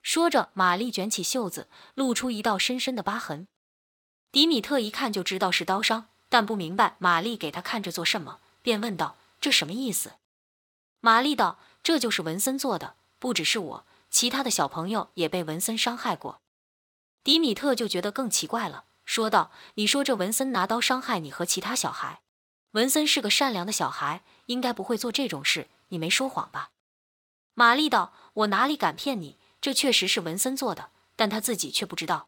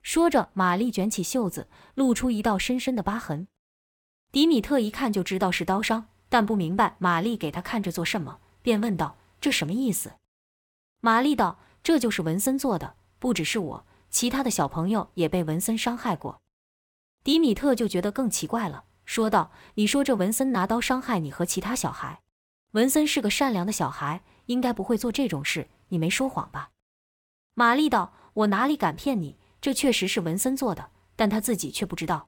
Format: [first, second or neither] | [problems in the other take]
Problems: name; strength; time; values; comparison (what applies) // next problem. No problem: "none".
second | thin; very slightly; fading below 350 Hz